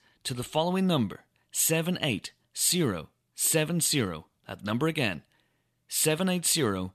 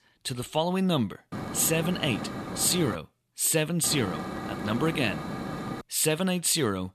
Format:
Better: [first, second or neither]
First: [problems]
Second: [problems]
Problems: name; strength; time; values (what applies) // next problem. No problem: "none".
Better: first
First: none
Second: hiss; loud; from 1.5 to 3 s and from 4 to 6 s; 9 dB below the speech